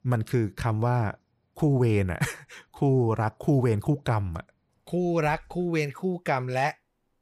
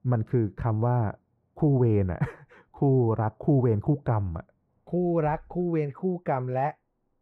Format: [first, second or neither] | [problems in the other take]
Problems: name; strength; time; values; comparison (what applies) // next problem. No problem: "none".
first | muffled; very; fading above 2.5 kHz